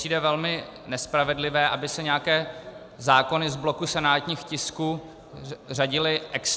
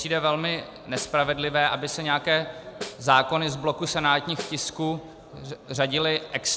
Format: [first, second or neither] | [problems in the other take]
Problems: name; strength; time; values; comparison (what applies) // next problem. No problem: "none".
first | background sound (Snare drum); 17 dB below the speech